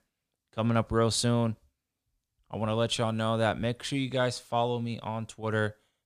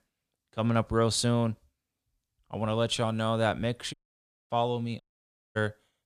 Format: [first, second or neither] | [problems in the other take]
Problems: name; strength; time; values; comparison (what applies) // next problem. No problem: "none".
first | audio cutting out; at 4 s for 0.5 s and at 5 s for 0.5 s